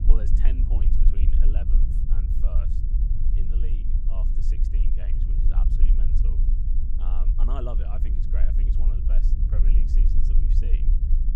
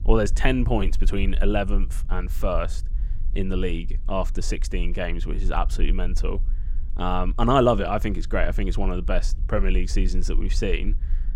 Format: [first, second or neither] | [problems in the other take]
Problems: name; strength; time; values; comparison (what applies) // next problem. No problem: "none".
second | low rumble; loud; throughout; as loud as the speech; faint in the second